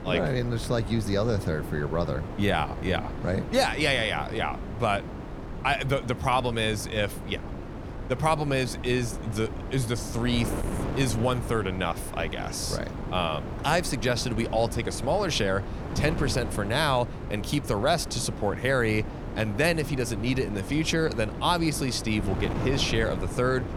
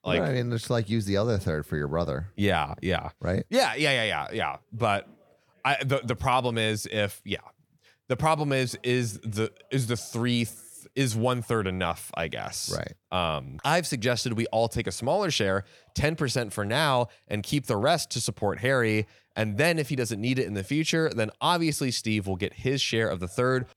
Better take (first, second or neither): second